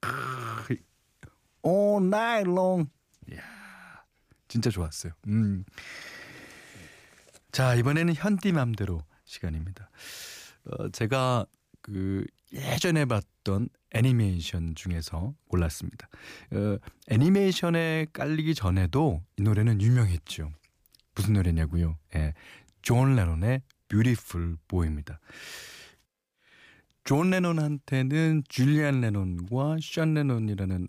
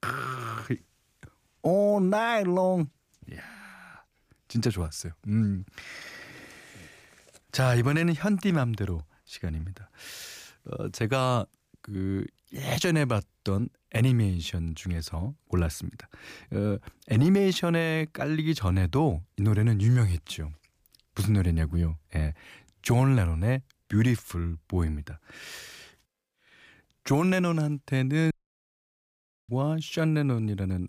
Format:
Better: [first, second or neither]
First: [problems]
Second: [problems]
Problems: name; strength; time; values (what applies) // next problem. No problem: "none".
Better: first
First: none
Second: audio cutting out; at 28 s for 1 s